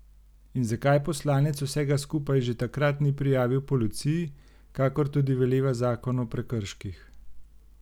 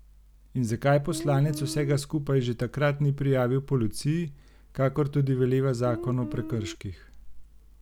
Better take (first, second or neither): first